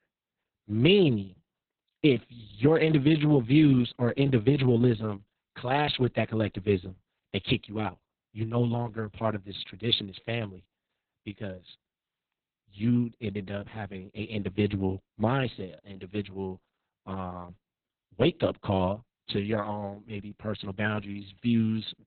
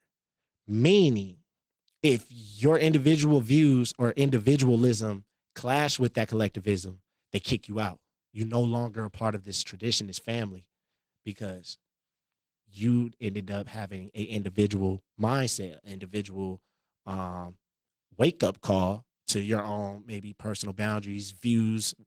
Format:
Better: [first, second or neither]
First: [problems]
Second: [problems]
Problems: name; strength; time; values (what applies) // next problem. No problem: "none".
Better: second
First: garbled, watery; badly; nothing above 4 kHz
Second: garbled, watery; slightly